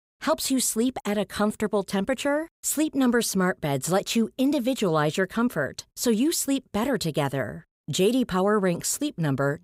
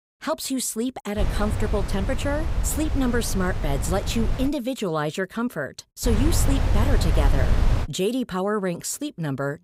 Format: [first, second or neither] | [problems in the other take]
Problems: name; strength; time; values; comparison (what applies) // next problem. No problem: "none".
first | wind noise on the microphone; heavy; from 1 to 4.5 s and from 6 to 8 s; 7 dB below the speech